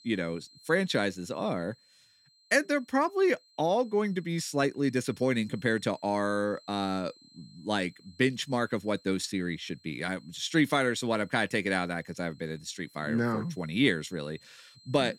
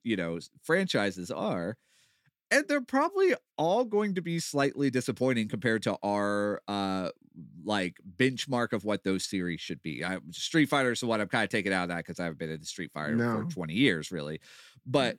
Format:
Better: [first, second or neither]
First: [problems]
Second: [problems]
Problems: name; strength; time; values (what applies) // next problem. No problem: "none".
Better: second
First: high-pitched whine; faint; throughout; 4 kHz, 30 dB below the speech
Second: none